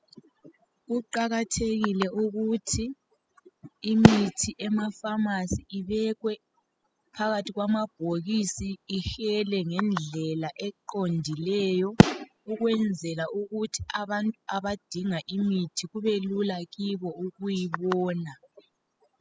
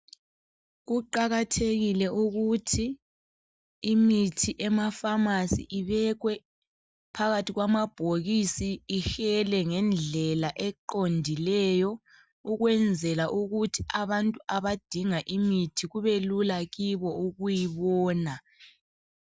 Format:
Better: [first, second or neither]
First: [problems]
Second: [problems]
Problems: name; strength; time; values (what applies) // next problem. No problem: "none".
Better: second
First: noise reduction (classical method spectral subtraction)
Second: none